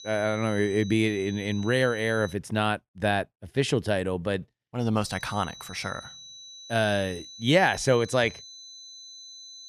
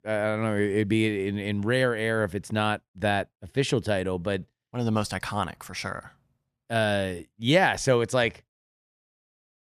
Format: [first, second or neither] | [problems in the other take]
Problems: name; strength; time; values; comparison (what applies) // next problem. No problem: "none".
second | high-pitched whine; noticeable; until 2.5 s and from 5 s on; 4 kHz, 15 dB below the speech